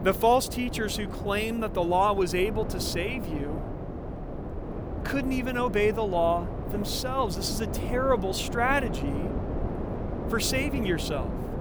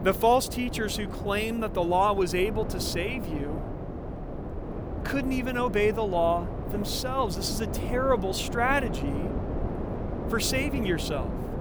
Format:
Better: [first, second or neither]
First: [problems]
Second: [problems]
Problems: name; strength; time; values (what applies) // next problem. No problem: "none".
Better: neither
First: wind noise on the microphone; occasional gusts; 10 dB below the speech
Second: wind noise on the microphone; occasional gusts; 10 dB below the speech